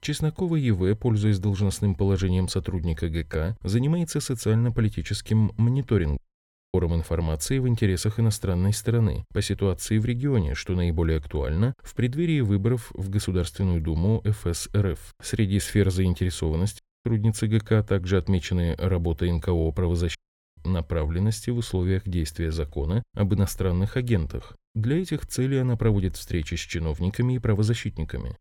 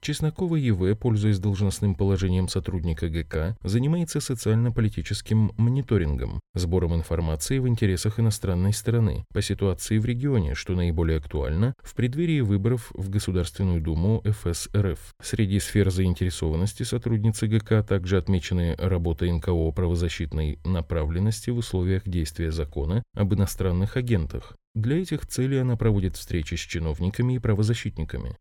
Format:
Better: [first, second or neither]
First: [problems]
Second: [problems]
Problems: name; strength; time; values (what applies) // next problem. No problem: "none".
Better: second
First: audio cutting out; at 6 s for 0.5 s, at 17 s and at 20 s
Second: none